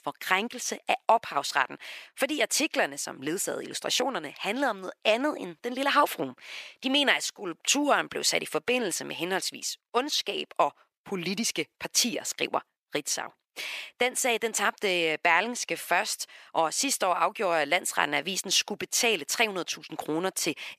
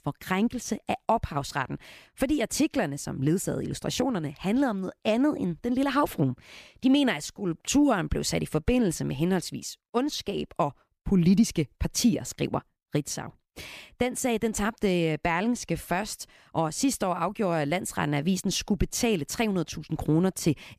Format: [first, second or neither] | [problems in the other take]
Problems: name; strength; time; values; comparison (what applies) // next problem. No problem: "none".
second | thin; somewhat; fading below 550 Hz